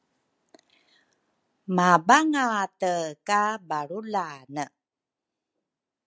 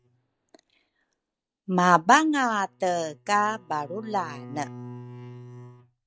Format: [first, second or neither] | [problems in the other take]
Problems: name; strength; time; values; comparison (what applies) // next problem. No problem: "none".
first | noise reduction (neural mask model DeepFilterNet 3)